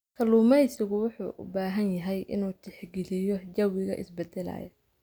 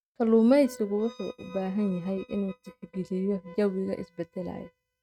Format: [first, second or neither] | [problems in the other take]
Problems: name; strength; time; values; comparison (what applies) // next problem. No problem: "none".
first | noise reduction (neural mask model RNNoise)